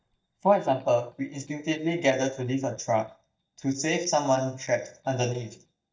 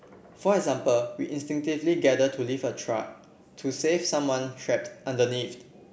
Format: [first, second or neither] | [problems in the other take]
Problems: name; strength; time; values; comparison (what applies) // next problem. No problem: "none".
second | noise reduction (neural mask model DeepFilterNet 3)